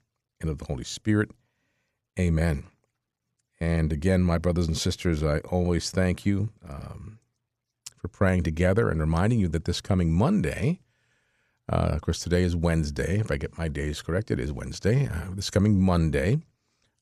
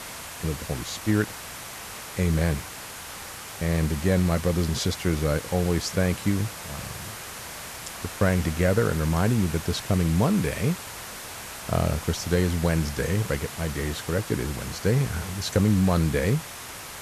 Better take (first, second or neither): first